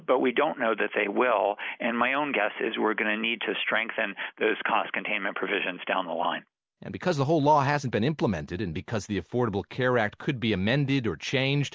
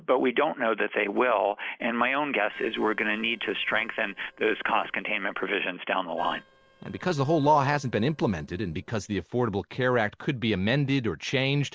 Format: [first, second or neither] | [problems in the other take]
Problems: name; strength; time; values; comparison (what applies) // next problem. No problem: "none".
first | noise reduction (neural separator model SepFormer DNS4)